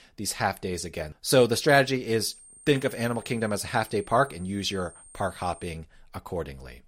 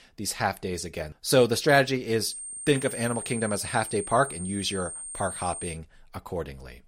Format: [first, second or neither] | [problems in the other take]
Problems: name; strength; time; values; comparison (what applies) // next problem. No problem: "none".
first | high-pitched whine; loud; from 2 to 5.5 s; 8.5 kHz, 8 dB below the speech; faint in the first